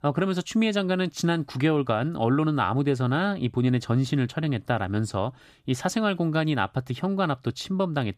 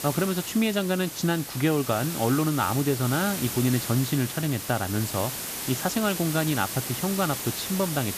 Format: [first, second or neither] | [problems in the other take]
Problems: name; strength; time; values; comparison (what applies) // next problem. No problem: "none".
first | hiss; loud; throughout; 5 dB below the speech